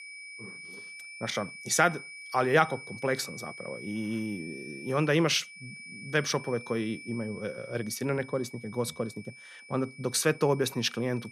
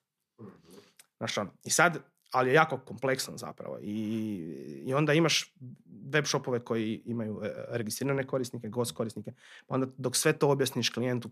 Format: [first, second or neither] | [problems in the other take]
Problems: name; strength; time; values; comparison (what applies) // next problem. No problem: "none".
second | high-pitched whine; noticeable; throughout; 2.5 kHz, 15 dB below the speech